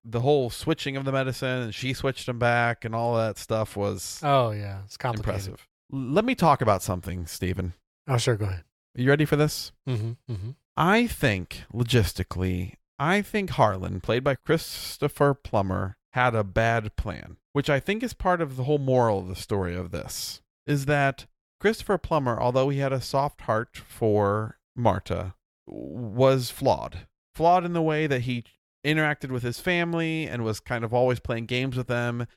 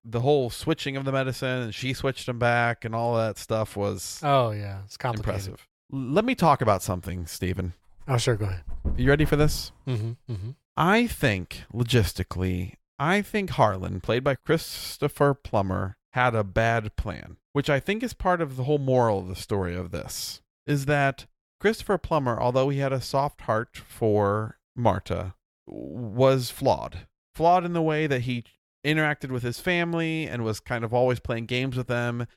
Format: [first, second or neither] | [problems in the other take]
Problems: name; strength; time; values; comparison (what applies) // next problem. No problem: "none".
first | dog barking; noticeable; from 8.5 to 9.5 s; peak 6 dB below the speech